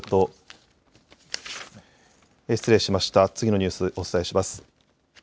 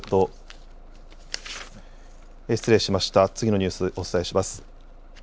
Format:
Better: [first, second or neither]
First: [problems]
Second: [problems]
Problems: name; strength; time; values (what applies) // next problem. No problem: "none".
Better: first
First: none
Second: background sound (Bus); 18 dB below the speech